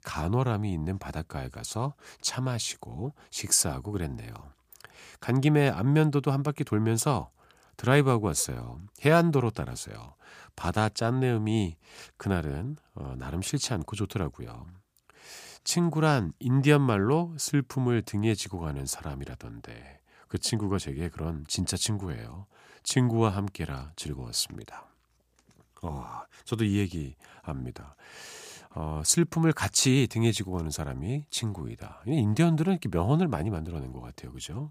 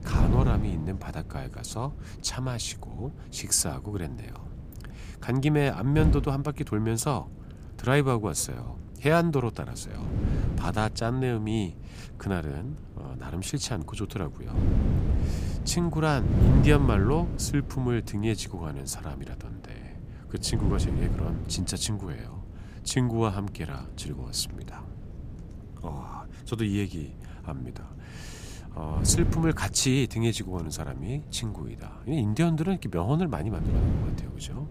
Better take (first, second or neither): first